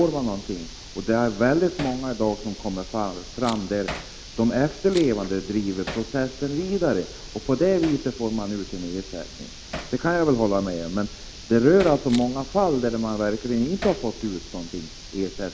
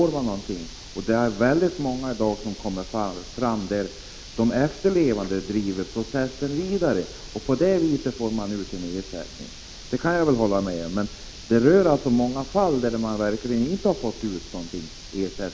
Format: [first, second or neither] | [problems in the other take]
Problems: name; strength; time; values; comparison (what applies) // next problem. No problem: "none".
second | background sound (Camera + Hammer); 18 dB below the speech